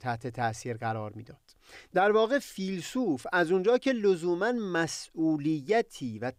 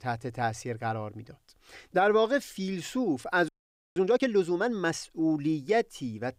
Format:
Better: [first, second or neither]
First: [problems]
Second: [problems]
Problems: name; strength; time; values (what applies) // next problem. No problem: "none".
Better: first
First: none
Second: audio freezing; at 3.5 s